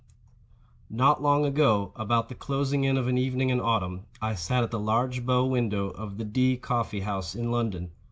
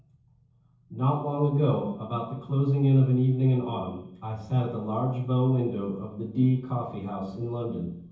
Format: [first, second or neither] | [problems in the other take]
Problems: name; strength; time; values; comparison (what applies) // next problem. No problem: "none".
first | room echo; dies away in 0.7 s